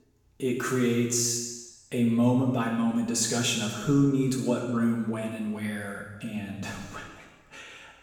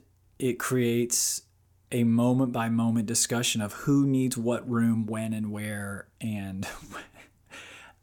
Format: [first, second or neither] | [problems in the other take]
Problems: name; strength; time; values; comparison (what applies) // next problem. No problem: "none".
second | room echo; noticeable; dies away in 1.2 s // off-mic speech; far